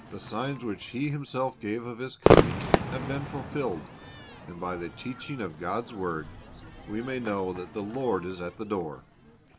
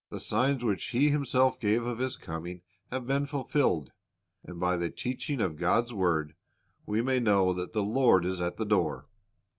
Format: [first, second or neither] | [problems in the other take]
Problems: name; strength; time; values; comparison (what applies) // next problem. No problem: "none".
second | background sound (Crowd / Fireworks); 3 dB above the speech